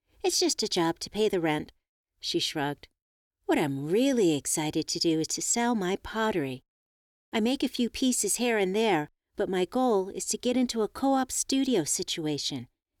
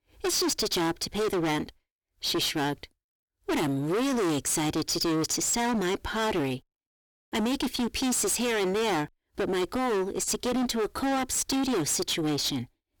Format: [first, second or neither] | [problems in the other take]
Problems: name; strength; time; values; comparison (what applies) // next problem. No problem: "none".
first | distortion; heavy; 30% of the sound clipped